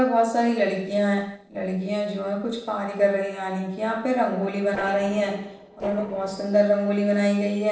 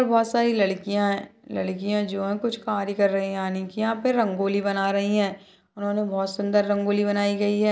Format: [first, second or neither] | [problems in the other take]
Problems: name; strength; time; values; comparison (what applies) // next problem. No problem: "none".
second | noise reduction (neural separator model SepFormer DNS4)